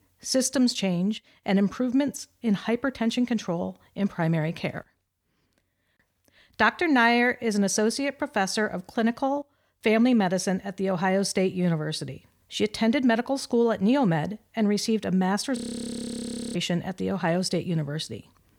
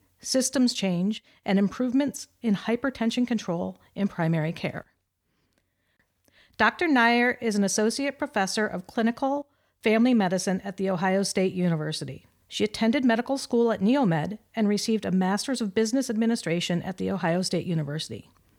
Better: second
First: audio freezing; at 16 s for 1 s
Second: none

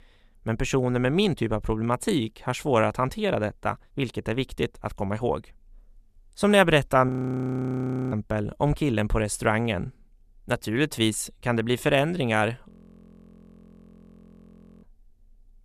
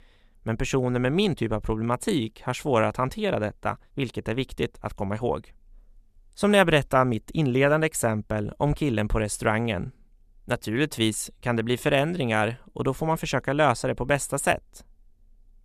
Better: second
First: audio freezing; at 7 s for 1 s and at 13 s for 2 s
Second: none

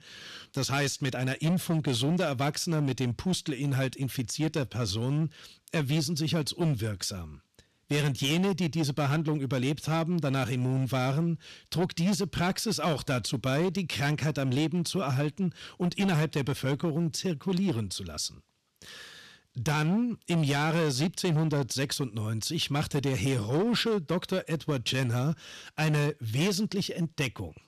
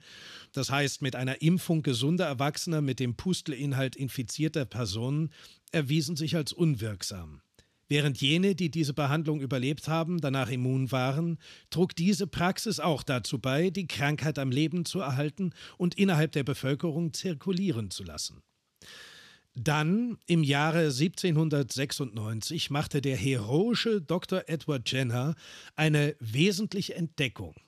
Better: second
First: distortion; slight; 11% of the sound clipped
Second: none

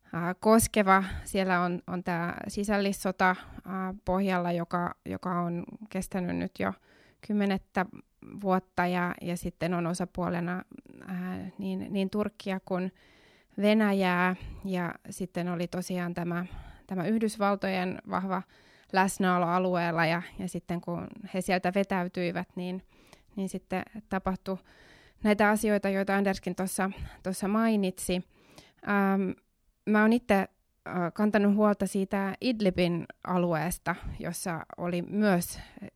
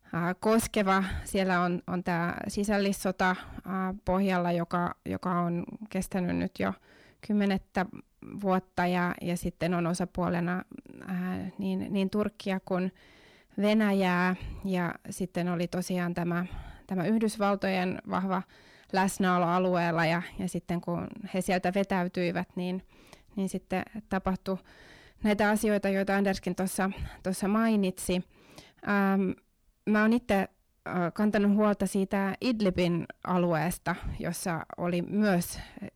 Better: first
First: none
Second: distortion; slight; 10 dB below the speech

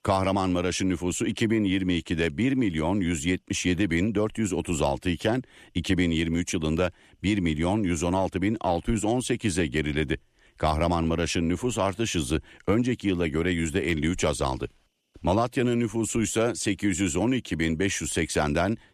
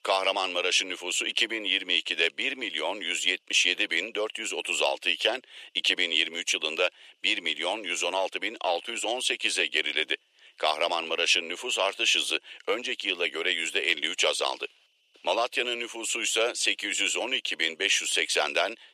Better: first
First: none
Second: thin; very; fading below 450 Hz

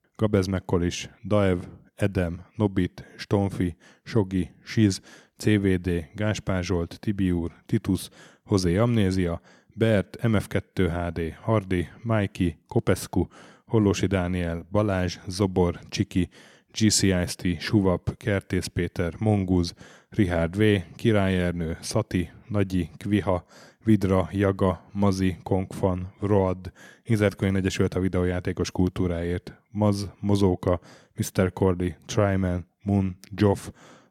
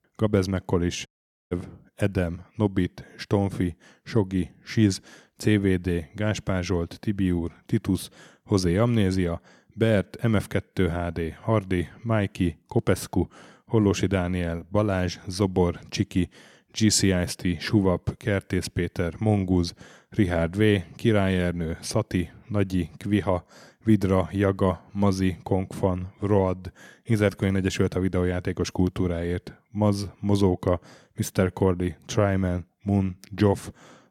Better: first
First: none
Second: audio cutting out; at 1 s

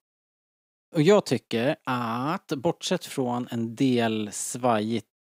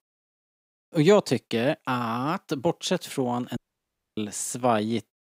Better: first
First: none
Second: audio cutting out; at 3.5 s for 0.5 s

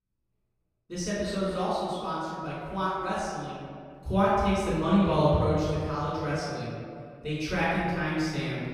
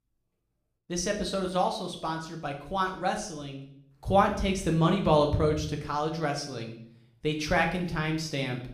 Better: second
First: room echo; strong; dies away in 2.1 s // off-mic speech; far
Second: room echo; slight; dies away in 0.6 s // off-mic speech; somewhat distant

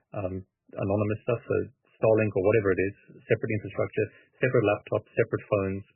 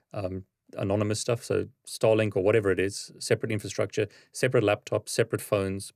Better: second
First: garbled, watery; badly; nothing above 2.5 kHz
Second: none

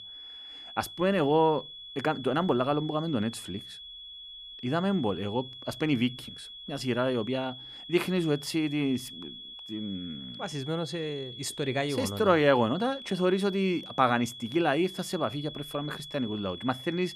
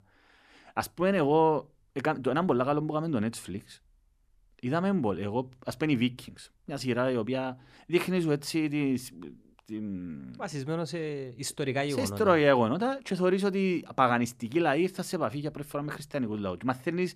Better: second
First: high-pitched whine; noticeable; throughout; 3.5 kHz, 15 dB below the speech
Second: none

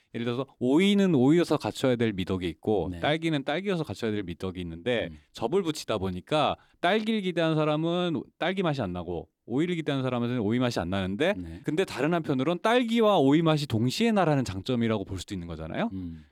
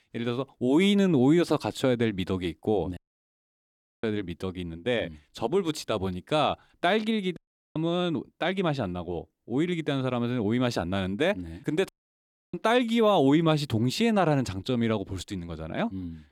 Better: first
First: none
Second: audio cutting out; at 3 s for 1 s, at 7.5 s and at 12 s for 0.5 s

